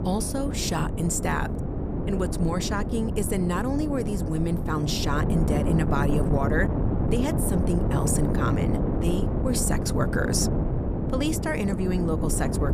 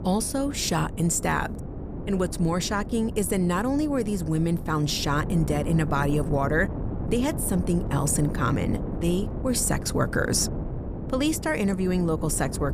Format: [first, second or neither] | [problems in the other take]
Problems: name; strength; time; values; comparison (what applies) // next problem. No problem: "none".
second | wind noise on the microphone; heavy; 4 dB below the speech; occasional gusts in the second